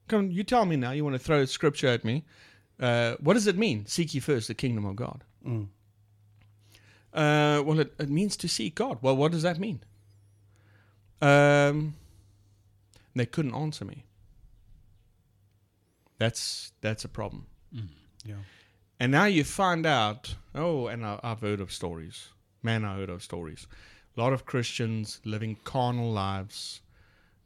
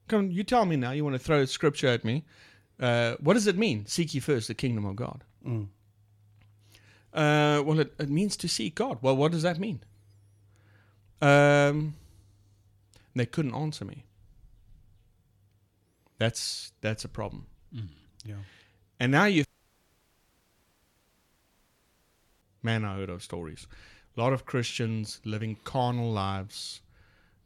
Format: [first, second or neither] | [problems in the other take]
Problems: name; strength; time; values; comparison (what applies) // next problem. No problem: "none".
first | audio cutting out; at 19 s for 3 s